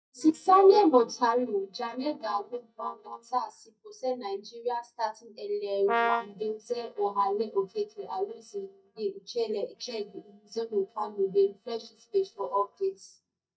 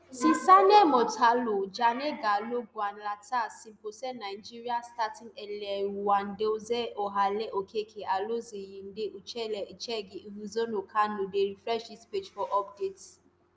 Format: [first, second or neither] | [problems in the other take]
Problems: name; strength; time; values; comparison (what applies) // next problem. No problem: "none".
second | noise reduction (neural mask model DeepFilterNet 3)